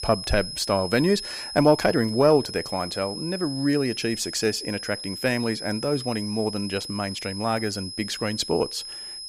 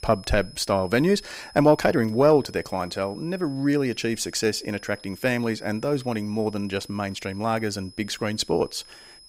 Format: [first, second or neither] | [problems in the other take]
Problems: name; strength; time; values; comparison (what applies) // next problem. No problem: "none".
second | high-pitched whine; loud; throughout; 5 kHz, 8 dB below the speech; faint in the second